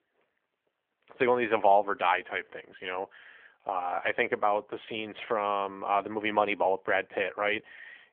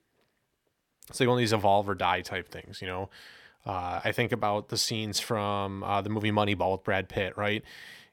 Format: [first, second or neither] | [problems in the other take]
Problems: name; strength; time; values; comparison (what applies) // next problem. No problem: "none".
second | phone-call audio; nothing above 3.5 kHz